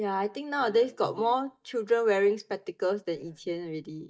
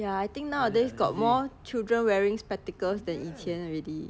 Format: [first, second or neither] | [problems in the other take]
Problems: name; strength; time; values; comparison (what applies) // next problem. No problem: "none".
second | noise reduction (neural mask model DeepFilterNet 3)